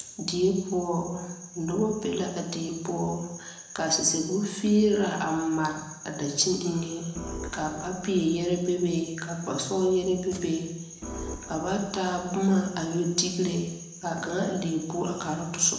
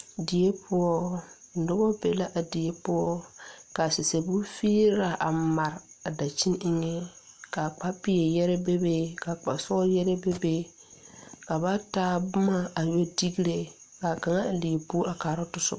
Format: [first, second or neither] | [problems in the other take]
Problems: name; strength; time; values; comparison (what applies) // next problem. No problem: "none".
second | background sound (Organ); 13 dB below the speech // room echo; dies away in 0.9 s